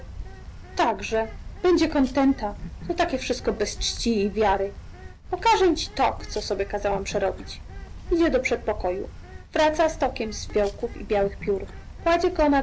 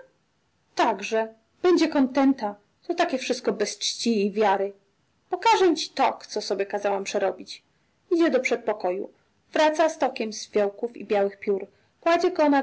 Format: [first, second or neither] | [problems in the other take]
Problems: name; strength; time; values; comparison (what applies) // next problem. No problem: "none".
second | background sound (Bird); 12 dB below the speech